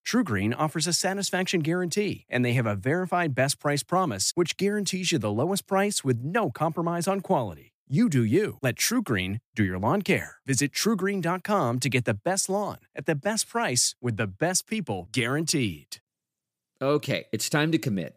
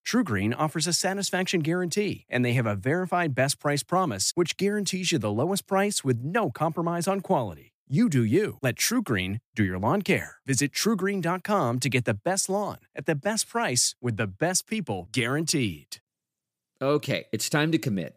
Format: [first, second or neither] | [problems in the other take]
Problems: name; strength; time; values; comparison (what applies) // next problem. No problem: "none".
neither | none